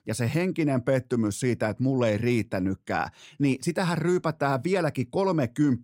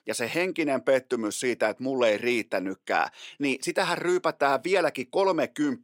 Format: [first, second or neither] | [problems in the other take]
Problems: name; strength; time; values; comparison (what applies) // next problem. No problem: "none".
first | thin; somewhat; fading below 450 Hz